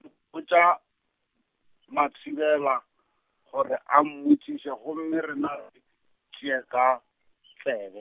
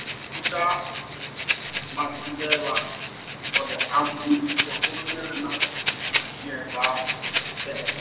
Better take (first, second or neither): first